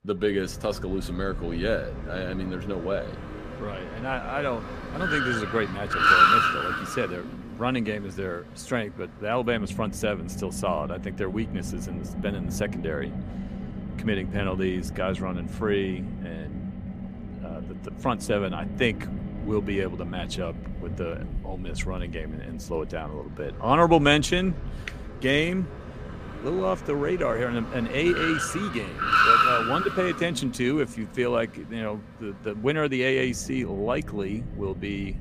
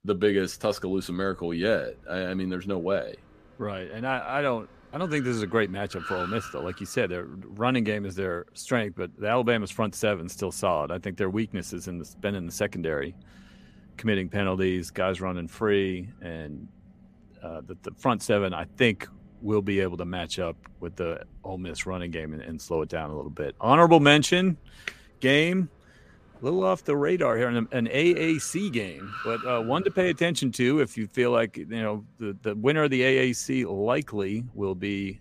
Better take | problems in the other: second | traffic noise; loud; throughout; 1 dB below the speech; faint in the second

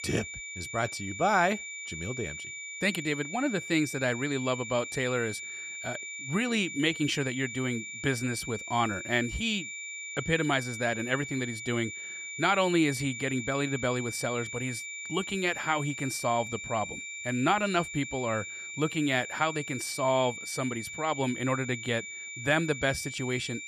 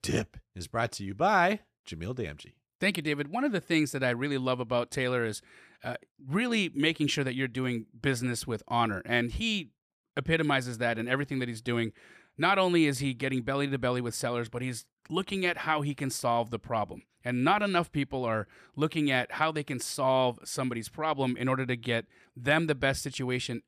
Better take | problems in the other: second | high-pitched whine; loud; throughout; 2.5 kHz, 7 dB below the speech

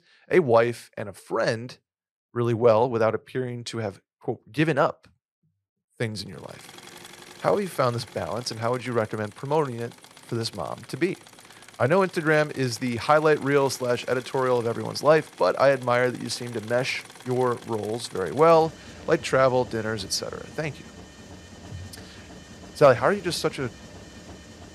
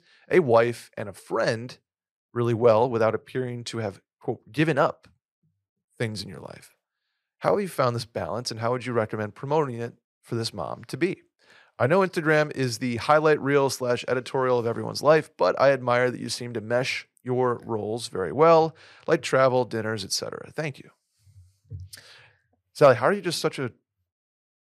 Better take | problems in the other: second | machinery noise; faint; from 6.5 s on; 20 dB below the speech

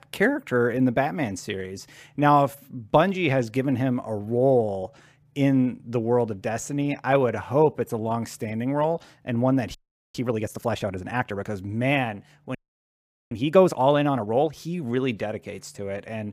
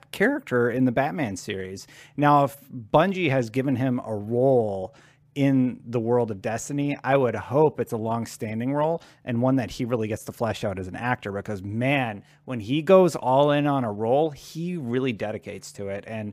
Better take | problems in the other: second | audio freezing; at 10 s and at 13 s for 1 s

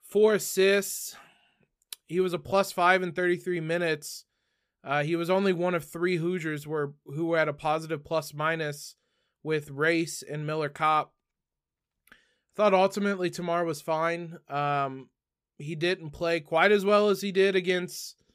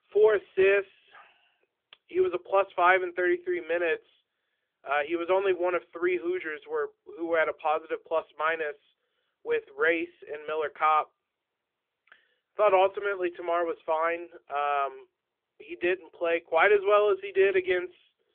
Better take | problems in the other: first | phone-call audio; nothing above 3.5 kHz

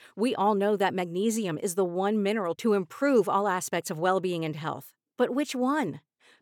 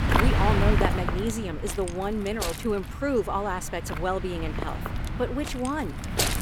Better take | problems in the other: first | wind noise on the microphone; heavy; 2 dB below the speech

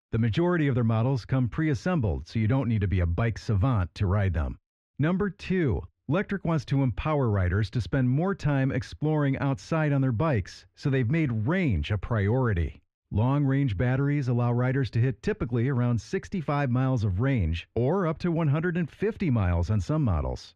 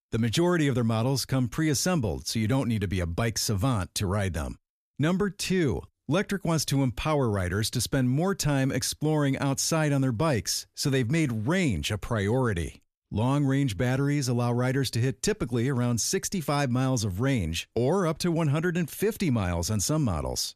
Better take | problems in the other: second | muffled; very; fading above 2 kHz

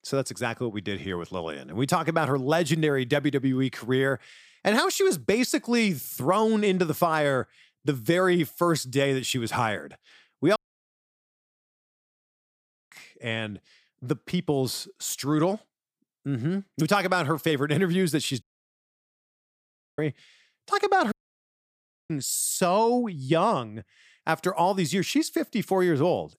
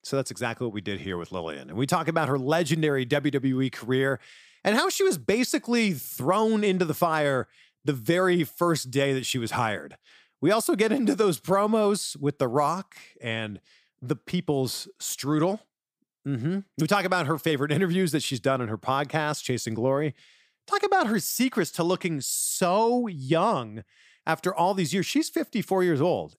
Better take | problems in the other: second | audio cutting out; at 11 s for 2.5 s, at 18 s for 1.5 s and at 21 s for 1 s

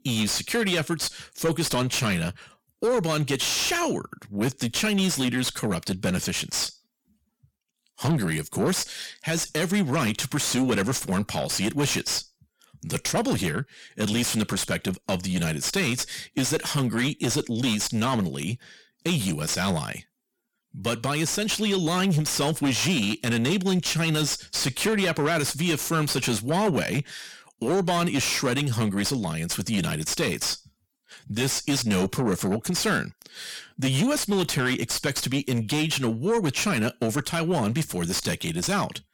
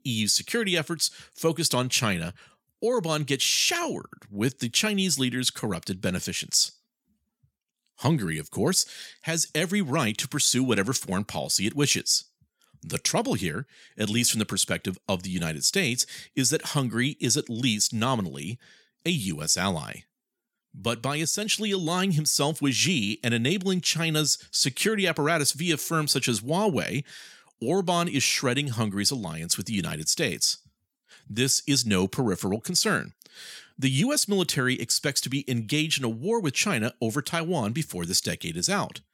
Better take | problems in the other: second | distortion; heavy; 6 dB below the speech

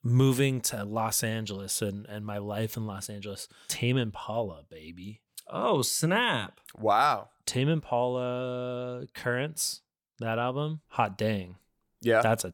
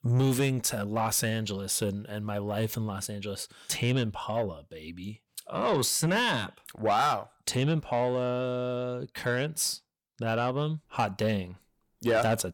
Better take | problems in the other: first | distortion; slight; 10 dB below the speech

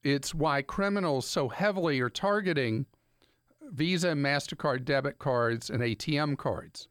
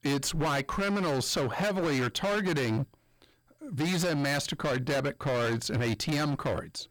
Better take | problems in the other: first | distortion; heavy; 26% of the sound clipped

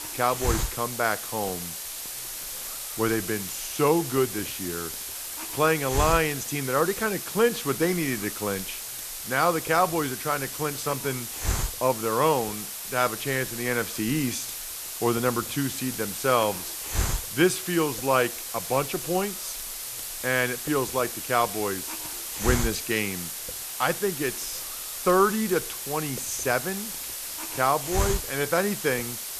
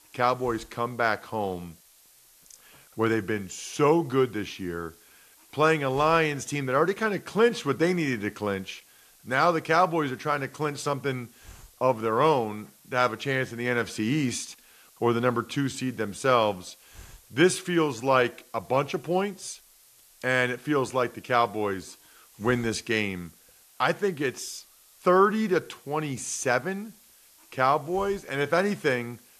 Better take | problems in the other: second | hiss; loud; throughout; 5 dB below the speech; faint in the second

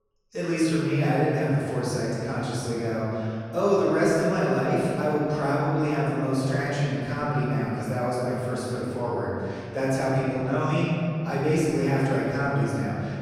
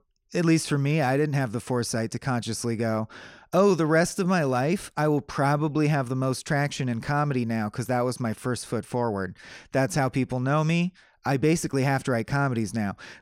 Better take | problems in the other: second | off-mic speech; far // room echo; strong; dies away in 2.4 s

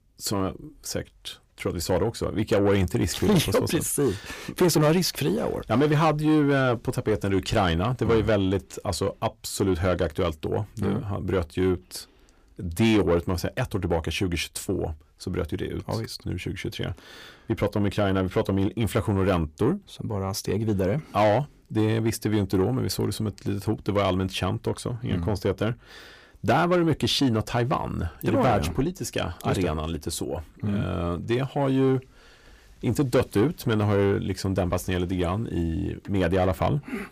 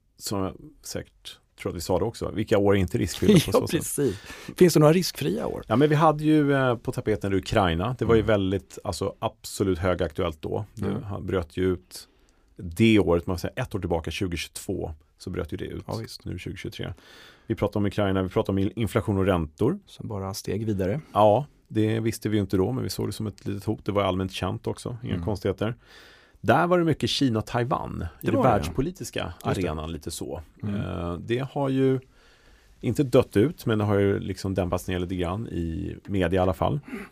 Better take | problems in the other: second | distortion; slight; 10 dB below the speech

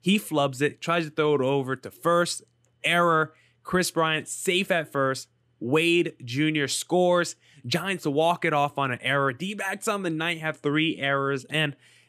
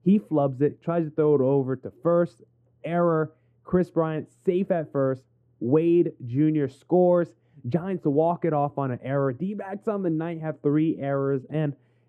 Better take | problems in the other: first | muffled; very; fading above 1.5 kHz

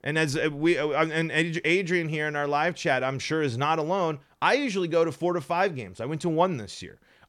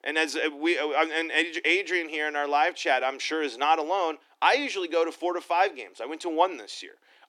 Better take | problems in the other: first | thin; somewhat; fading below 300 Hz

